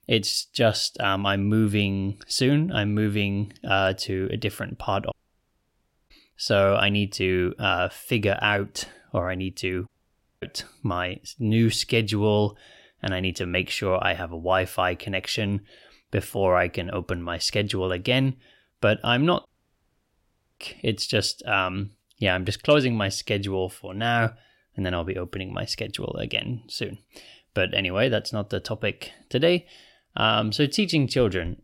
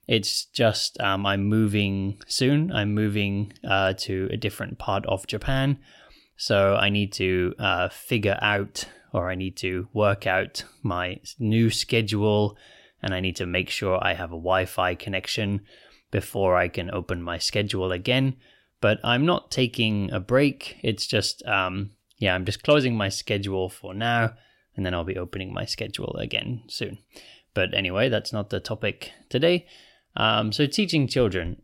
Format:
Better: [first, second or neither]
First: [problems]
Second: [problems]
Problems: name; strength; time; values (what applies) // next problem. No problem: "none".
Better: second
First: audio cutting out; at 5 s for 1 s, at 10 s for 0.5 s and at 19 s for 1 s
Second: none